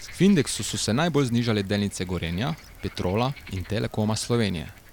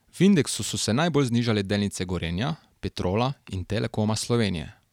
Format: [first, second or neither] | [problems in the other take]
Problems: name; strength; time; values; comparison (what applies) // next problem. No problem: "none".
second | background sound (Frog); 19 dB below the speech